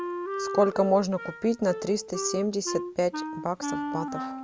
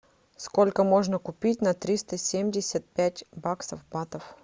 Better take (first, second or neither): second